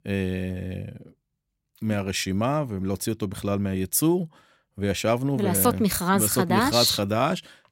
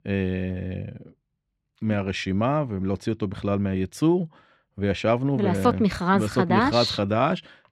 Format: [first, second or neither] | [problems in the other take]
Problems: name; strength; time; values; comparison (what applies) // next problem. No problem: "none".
first | muffled; very slightly; fading above 3 kHz